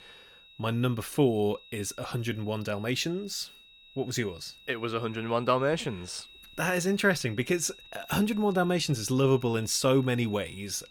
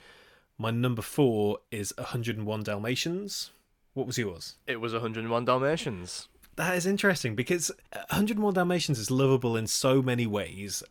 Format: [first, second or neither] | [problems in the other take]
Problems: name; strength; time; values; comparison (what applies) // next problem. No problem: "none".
second | high-pitched whine; faint; throughout; 4 kHz, 20 dB below the speech